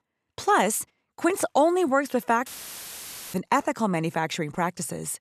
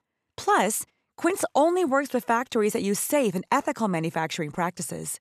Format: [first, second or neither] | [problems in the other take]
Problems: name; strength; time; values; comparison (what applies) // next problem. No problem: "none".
second | audio cutting out; filled with static; at 2.5 s for 1 s